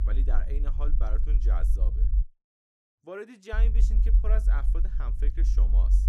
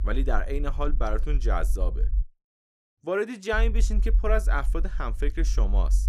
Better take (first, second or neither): second